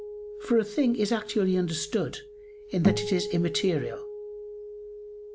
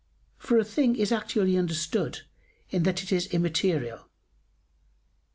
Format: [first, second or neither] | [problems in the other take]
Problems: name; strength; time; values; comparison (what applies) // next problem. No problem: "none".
second | background sound (Acoustic guitar); 7 dB below the speech